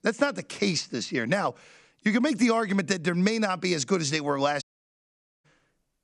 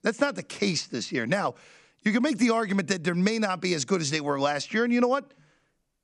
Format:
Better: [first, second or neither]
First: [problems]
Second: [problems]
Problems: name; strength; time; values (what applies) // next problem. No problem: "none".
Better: second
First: audio cutting out; at 4.5 s for 1 s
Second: none